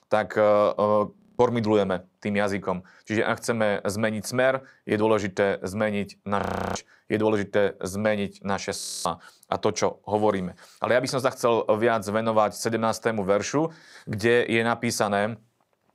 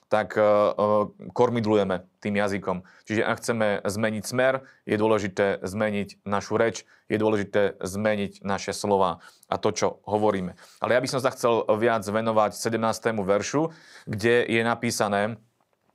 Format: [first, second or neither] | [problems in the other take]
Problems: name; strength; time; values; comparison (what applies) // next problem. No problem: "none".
second | audio freezing; at 1 s, at 6.5 s and at 9 s